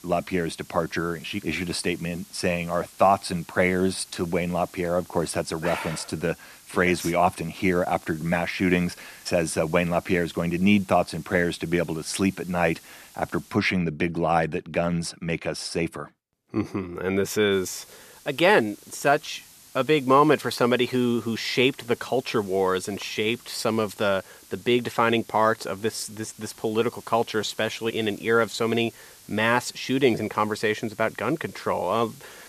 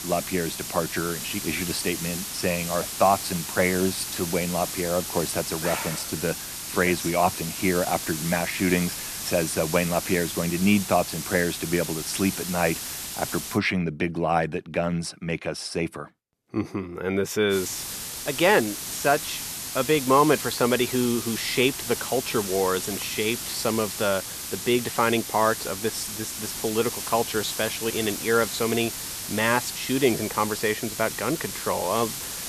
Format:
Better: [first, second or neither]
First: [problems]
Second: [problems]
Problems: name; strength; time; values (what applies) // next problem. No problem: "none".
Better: first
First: hiss; faint; until 14 s and from 18 s on; 25 dB below the speech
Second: hiss; loud; until 14 s and from 18 s on; 5 dB below the speech